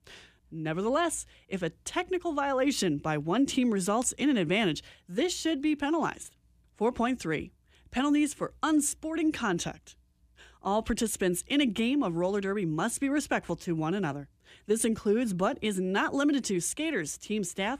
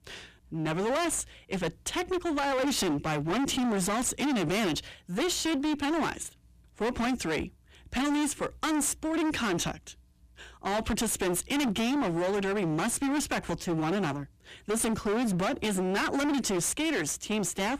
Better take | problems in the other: first | distortion; heavy; 31% of the sound clipped

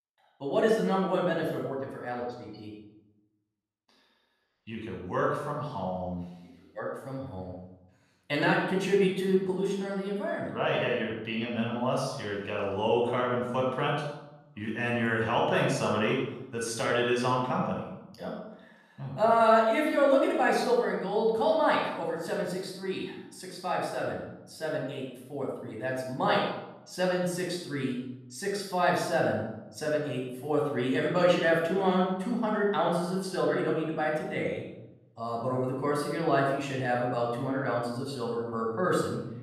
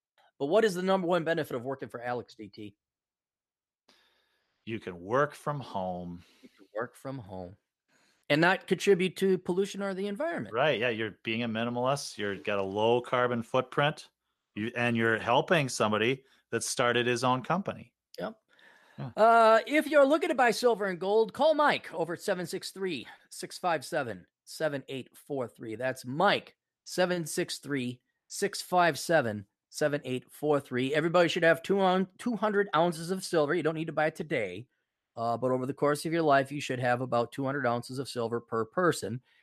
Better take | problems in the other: second | off-mic speech; far // room echo; noticeable; dies away in 0.8 s

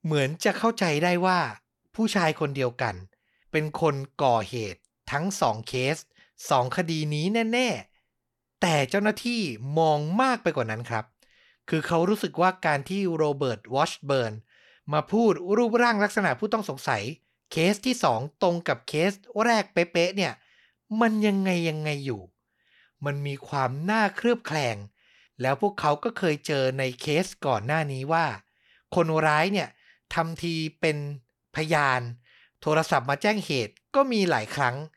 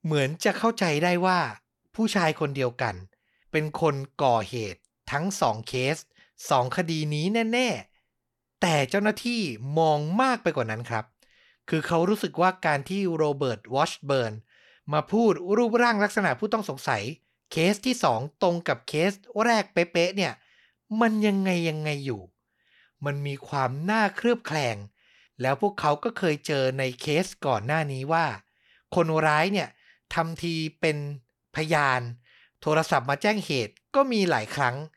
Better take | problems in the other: neither | none

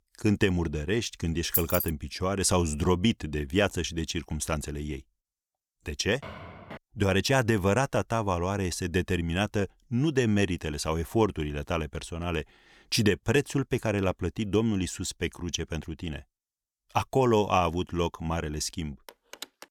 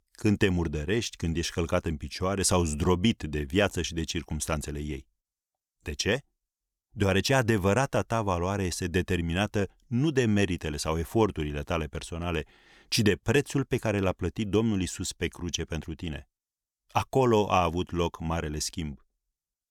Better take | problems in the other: second | jangling keys; loud; at 1.5 s; peak 1 dB above the speech // footsteps; faint; at 6 s; peak 15 dB below the speech // phone ringing; faint; at 19 s; peak 15 dB below the speech

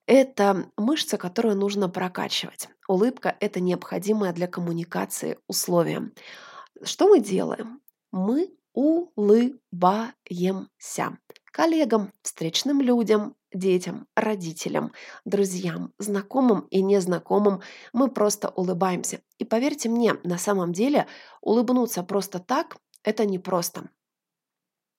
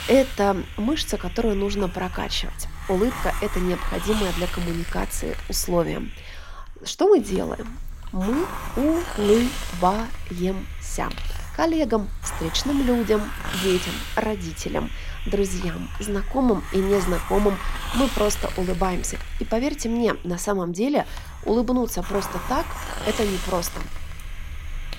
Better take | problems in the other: first | hiss; loud; throughout; 9 dB below the speech

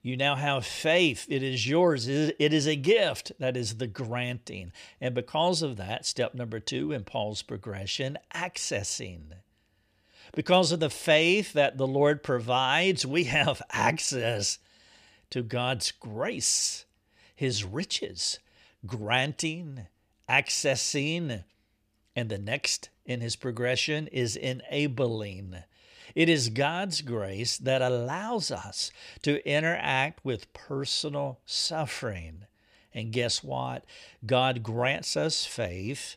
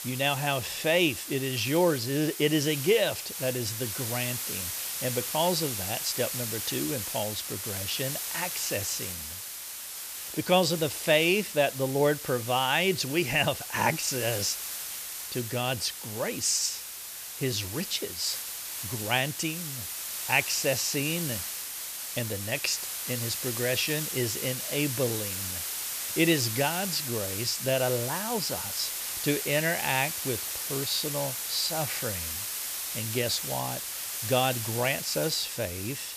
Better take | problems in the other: first | hiss; loud; throughout; 4 dB below the speech

